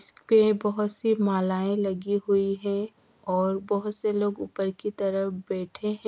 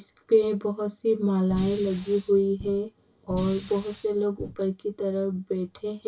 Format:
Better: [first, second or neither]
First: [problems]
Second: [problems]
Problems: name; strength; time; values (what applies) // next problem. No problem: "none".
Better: first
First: none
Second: background sound (Fire); 14 dB below the speech // room echo; dies away in 0.1 s